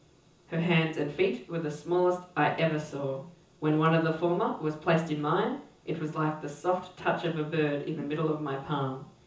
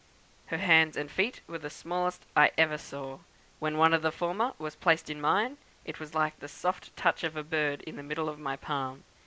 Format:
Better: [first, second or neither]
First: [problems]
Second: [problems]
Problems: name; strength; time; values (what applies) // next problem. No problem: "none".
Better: second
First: room echo; dies away in 0.6 s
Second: none